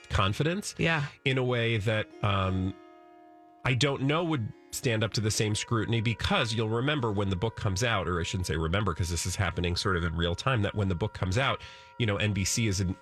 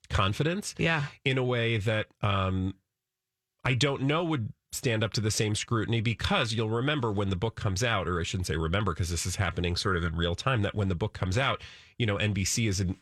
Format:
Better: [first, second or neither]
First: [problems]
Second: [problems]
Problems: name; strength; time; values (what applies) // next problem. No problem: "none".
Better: second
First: background music; faint; throughout; 25 dB below the speech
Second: none